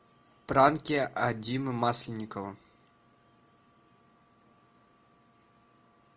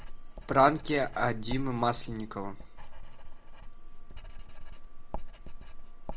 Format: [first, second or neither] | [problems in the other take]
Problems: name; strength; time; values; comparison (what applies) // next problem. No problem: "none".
first | background sound (Writing); 4 dB below the speech